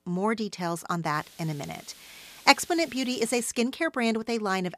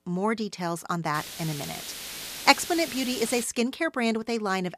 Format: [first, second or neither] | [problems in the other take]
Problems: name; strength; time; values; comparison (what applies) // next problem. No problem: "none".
first | hiss; loud; from 1 to 3.5 s; 9 dB below the speech; faint in the first